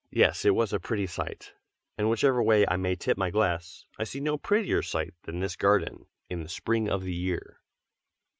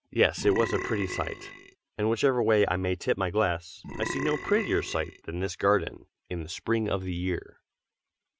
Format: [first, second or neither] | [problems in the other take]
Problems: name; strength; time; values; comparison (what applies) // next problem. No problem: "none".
first | background sound (Burping, eructation); 8 dB below the speech